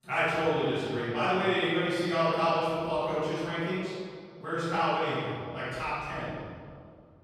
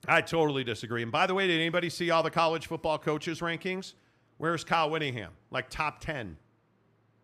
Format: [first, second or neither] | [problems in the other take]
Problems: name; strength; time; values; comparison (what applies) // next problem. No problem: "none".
second | room echo; strong; dies away in 1.9 s // off-mic speech; far